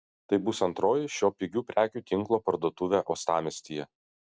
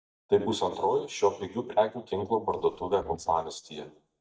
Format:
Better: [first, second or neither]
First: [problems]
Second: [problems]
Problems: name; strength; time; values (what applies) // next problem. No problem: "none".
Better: first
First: none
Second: noise reduction (neural mask model DeepFilterNet 3)